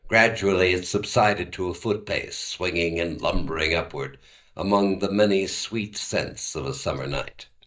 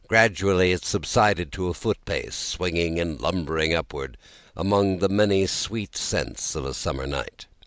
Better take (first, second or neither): second